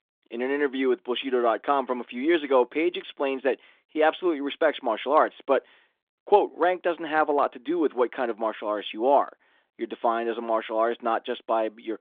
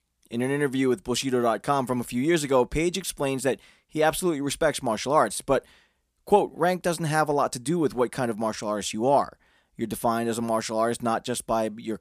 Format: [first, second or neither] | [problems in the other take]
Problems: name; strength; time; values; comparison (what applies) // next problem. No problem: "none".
second | phone-call audio; nothing above 3.5 kHz